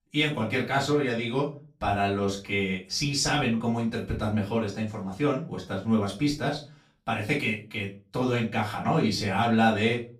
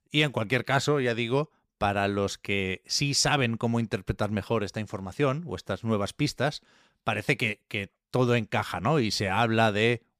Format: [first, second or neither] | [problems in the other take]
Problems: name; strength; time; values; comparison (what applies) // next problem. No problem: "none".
second | off-mic speech; far // room echo; slight; dies away in 0.3 s